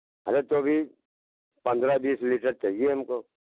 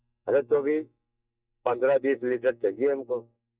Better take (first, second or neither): first